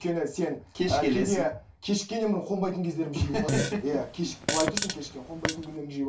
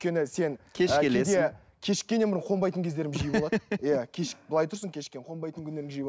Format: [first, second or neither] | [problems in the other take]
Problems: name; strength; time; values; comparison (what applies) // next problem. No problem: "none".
second | background sound (Fart); 4 dB below the speech // room echo; dies away in 0.3 s